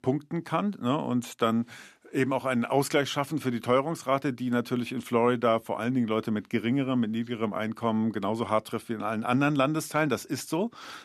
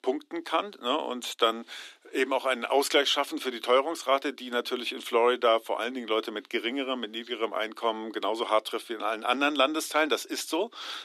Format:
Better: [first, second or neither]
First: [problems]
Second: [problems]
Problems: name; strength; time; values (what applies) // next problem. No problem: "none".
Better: first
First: none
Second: thin; somewhat; fading below 300 Hz